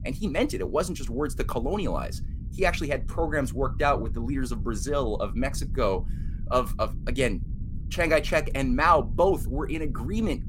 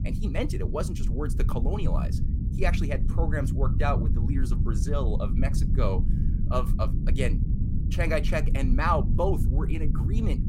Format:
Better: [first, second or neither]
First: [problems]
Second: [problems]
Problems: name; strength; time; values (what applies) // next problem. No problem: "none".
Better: first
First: low rumble; faint; throughout; 20 dB below the speech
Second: low rumble; loud; throughout; 9 dB below the speech